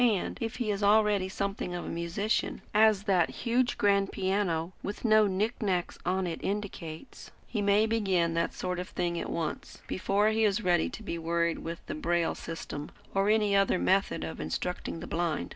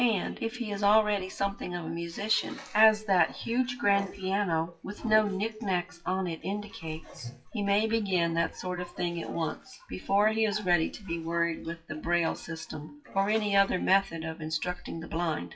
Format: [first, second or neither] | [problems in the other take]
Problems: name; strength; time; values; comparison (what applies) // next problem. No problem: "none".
first | noise reduction (classical method WPE with log-MMSE)